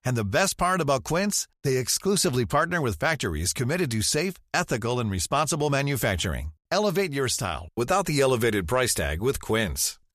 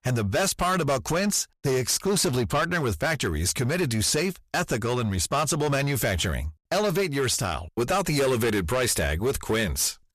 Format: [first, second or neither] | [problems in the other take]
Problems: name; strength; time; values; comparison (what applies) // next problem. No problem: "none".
first | distortion; slight; 14% of the sound clipped